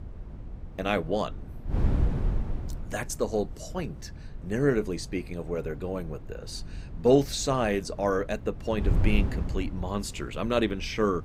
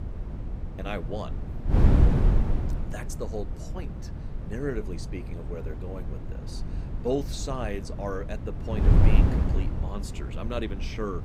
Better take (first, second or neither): first